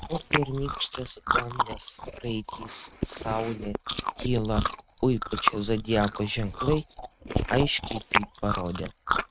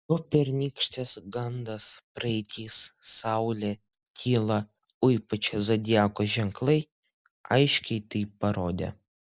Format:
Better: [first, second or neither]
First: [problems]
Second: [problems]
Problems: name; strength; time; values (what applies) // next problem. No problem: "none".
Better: second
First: noise reduction (neural mask model RNNoise)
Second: none